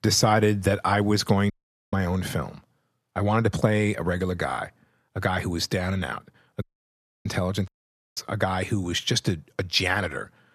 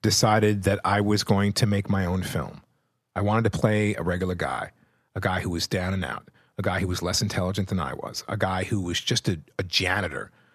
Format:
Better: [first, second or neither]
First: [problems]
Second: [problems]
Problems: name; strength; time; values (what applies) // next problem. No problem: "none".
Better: second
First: audio cutting out; at 1.5 s, at 6.5 s for 0.5 s and at 7.5 s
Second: none